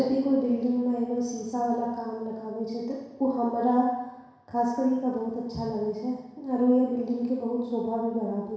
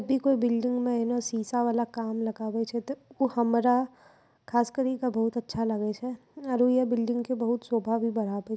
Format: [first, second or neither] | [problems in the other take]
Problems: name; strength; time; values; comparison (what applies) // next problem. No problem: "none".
second | room echo; dies away in 1.1 s